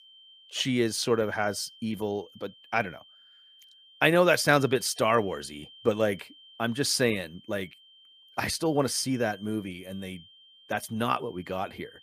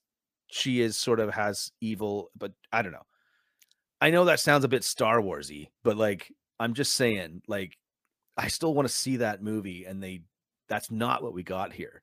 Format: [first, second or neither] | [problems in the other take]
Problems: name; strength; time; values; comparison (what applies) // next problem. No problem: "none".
second | high-pitched whine; faint; throughout; 3 kHz, 25 dB below the speech